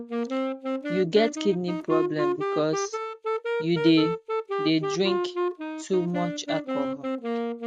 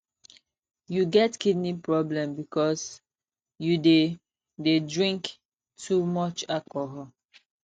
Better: second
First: noise reduction (neural mask model RNNoise)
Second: none

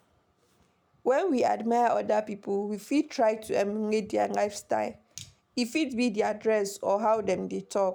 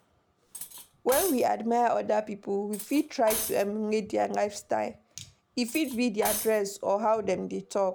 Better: first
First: none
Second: background sound (Cutlery, silverware); 11 dB below the speech

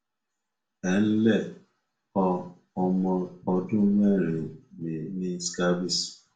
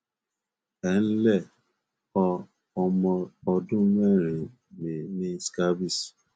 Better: second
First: room echo; dies away in 0.4 s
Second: none

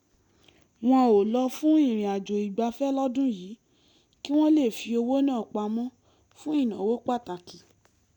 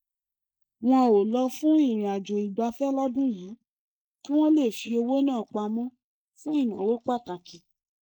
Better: first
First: none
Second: noise reduction (neural mask model Resemble Enhance denoiser)

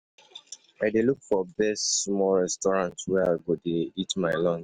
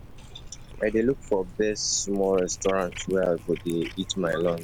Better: first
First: none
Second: background sound (Cat); 15 dB below the speech

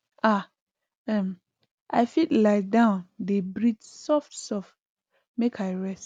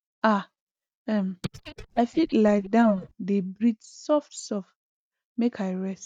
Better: first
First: none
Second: noise reduction (neural mask model DeepFilterNet 3)

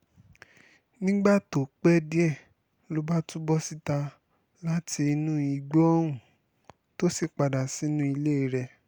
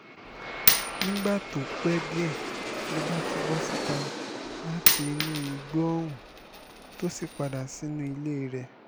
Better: first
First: none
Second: background sound (Coin (dropping) + Aircraft); 2 dB above the speech

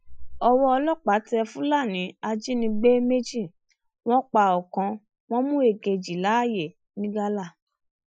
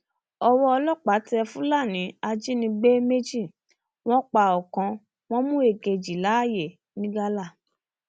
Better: second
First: noise reduction (classical method Wiener filter)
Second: none

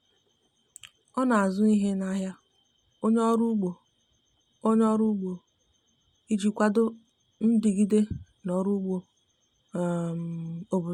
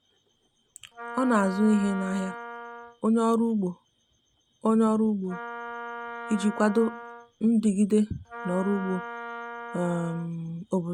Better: first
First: none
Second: background sound (Wind instrument, woodwind instrument); 12 dB below the speech

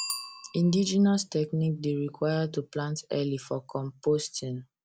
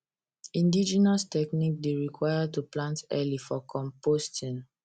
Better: second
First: background sound (Bicycle bell); 17 dB below the speech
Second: none

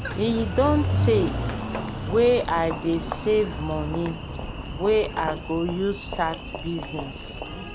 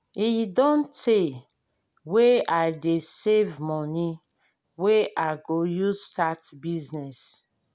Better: second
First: background sound (Engine); 4 dB below the speech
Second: none

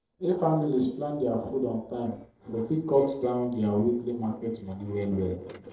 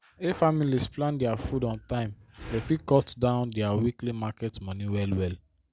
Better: second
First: noise reduction (neural separator model SepFormer DNS4)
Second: none

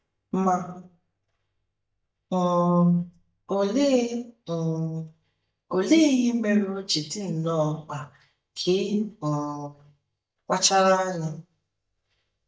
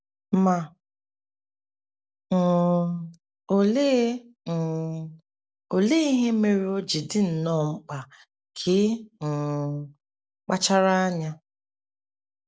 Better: second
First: noise reduction (neural mask model DeepFilterNet 3)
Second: none

